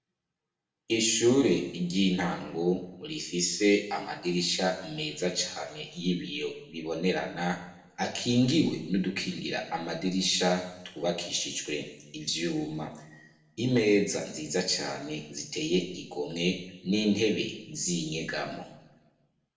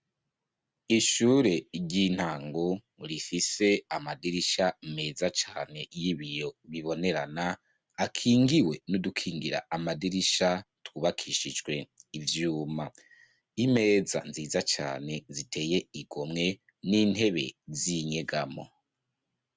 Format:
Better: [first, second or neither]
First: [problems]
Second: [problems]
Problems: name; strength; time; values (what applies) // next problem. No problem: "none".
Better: second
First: room echo; dies away in 0.8 s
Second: none